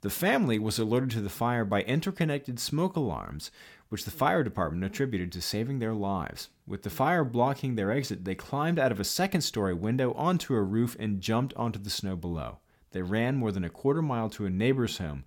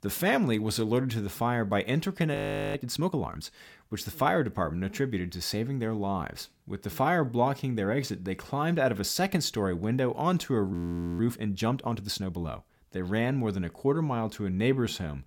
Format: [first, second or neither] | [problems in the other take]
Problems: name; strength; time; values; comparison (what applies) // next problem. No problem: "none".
first | audio freezing; at 2.5 s and at 11 s